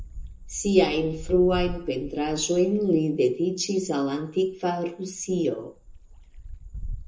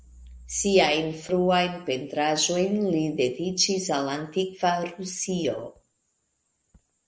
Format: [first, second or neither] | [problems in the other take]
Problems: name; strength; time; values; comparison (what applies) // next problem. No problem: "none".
second | background sound (Wind); 14 dB below the speech // room echo; dies away in 0.2 s